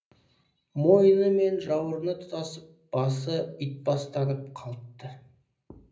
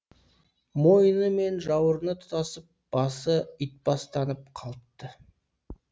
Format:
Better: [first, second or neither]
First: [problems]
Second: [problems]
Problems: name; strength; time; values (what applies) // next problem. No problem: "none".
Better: second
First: room echo; dies away in 0.5 s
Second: none